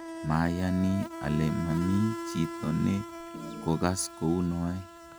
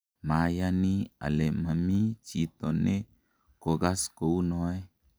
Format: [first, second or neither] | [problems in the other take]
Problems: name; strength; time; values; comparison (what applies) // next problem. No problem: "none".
second | background sound (Insect + Organ); 10 dB below the speech